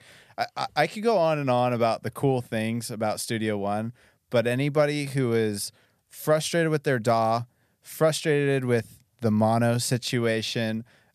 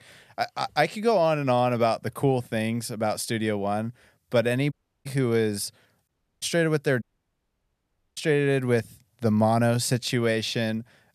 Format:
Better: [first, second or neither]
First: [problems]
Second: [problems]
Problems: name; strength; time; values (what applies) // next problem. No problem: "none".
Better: first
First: none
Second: audio cutting out; at 4.5 s, at 6 s and at 7 s for 1 s